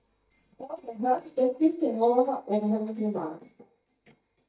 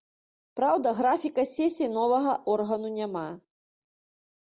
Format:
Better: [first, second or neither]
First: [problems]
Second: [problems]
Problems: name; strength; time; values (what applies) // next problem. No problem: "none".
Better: second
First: noise reduction (neural mask model DeepFilterNet 3)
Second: none